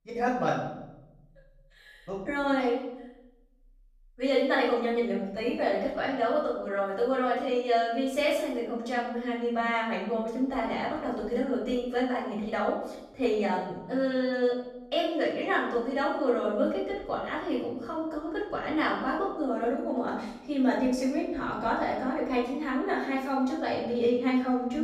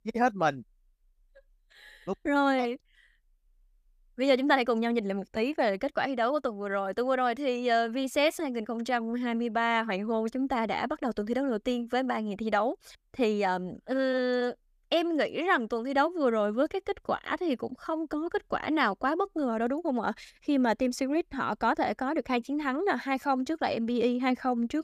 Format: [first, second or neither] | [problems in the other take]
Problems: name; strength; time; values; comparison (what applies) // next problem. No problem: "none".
second | off-mic speech; far // room echo; noticeable; dies away in 0.8 s